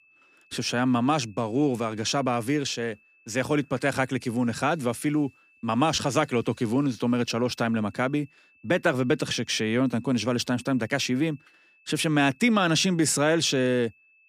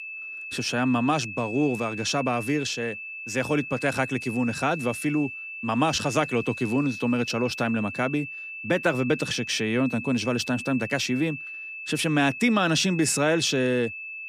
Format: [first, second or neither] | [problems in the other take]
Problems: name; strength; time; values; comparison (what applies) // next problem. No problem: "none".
first | high-pitched whine; loud; throughout; 2.5 kHz, 9 dB below the speech; faint in the first